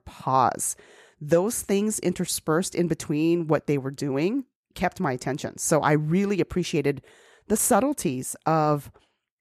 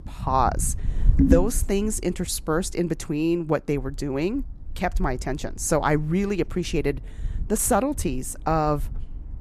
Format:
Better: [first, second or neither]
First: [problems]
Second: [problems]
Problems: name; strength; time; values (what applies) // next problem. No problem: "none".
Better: first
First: none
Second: wind noise on the microphone; heavy; 7 dB below the speech